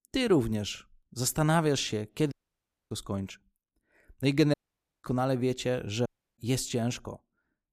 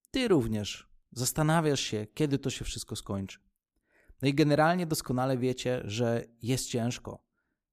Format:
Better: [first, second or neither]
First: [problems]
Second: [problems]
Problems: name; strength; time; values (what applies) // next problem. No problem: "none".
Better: second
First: audio cutting out; at 2.5 s for 0.5 s, at 4.5 s for 0.5 s and at 6 s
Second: none